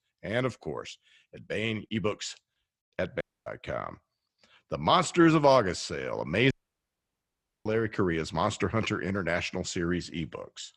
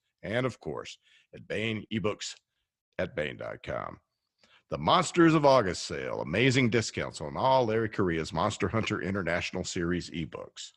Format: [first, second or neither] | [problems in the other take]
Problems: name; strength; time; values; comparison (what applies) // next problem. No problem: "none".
second | audio cutting out; at 3 s and at 6.5 s for 1 s